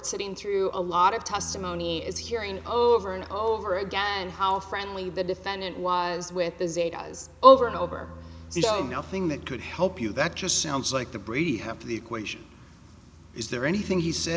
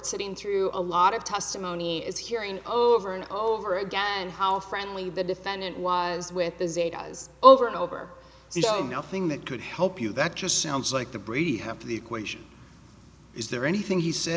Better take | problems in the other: second | background sound (Bass guitar); 20 dB below the speech

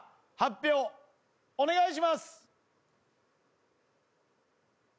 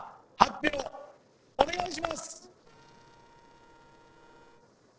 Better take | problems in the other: first | noise reduction (neural separator model SepFormer DNS4)

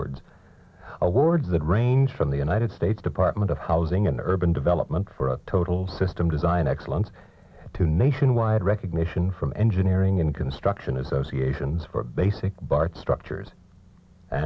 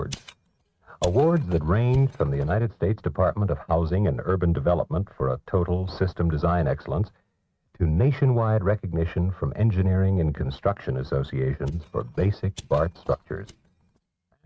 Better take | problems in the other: first | noise reduction (neural mask model RNNoise)

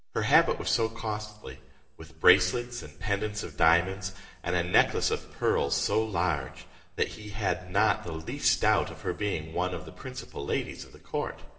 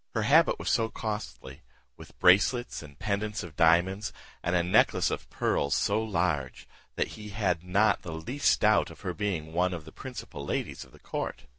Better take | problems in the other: second | room echo; dies away in 0.9 s

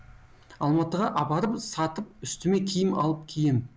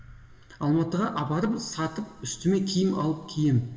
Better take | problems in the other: first | room echo; dies away in 1.7 s

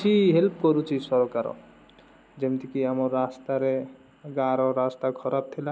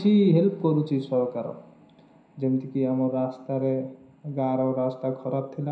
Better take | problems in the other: first | room echo; dies away in 0.5 s

